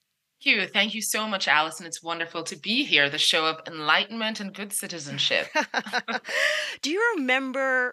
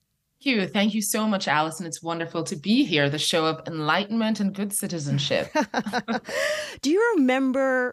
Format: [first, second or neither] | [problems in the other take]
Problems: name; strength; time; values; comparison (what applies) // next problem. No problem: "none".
second | thin; somewhat; fading below 900 Hz